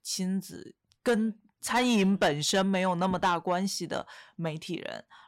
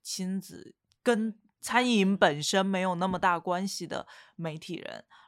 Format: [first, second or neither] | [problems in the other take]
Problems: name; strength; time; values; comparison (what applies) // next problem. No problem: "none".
second | distortion; slight; 10 dB below the speech